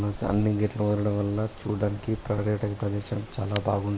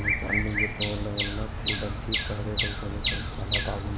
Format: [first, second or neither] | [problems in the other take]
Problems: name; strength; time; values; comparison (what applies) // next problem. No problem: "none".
first | background sound (Bird vocalization, bird call, bird song); 4 dB above the speech